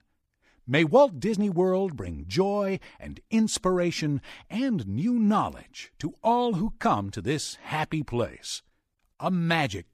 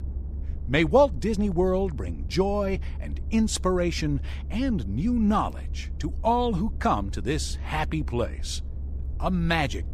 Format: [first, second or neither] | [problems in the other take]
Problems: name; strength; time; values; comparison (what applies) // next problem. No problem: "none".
first | low rumble; faint; throughout; 25 dB below the speech